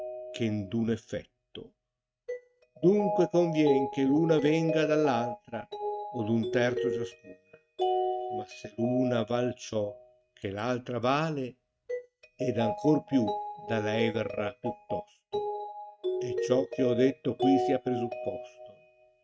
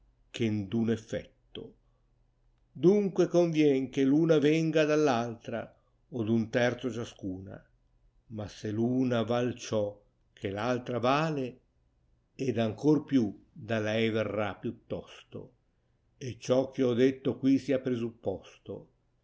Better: second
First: noise reduction (neural mask model RNNoise)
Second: none

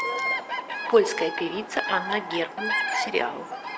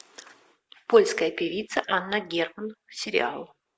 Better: second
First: background sound (Bird vocalization, bird call, bird song); 2 dB below the speech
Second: none

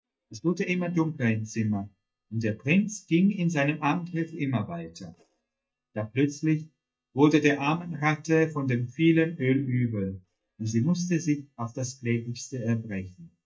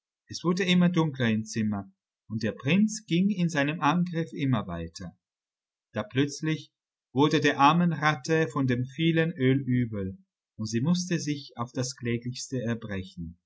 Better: second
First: noise reduction (neural mask model DeepFilterNet 3)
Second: none

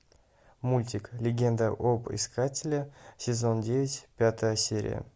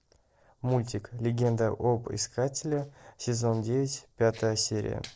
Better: first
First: none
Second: noise reduction (neural separator model SepFormer DNS4)

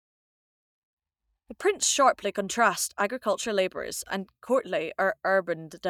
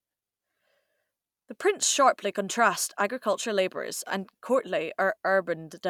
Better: second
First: noise reduction (neural mask model DeepFilterNet 3)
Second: none

